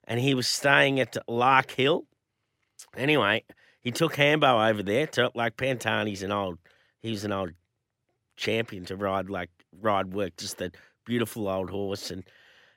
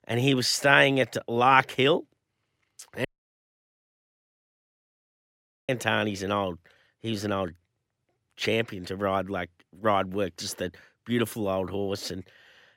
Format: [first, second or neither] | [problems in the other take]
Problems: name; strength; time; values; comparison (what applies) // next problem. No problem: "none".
first | audio cutting out; at 3 s for 2.5 s